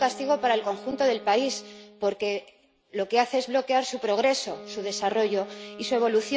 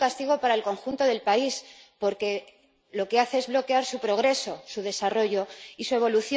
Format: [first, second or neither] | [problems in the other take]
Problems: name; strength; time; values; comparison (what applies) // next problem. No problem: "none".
second | background sound (Wind instrument, woodwind instrument); 19 dB below the speech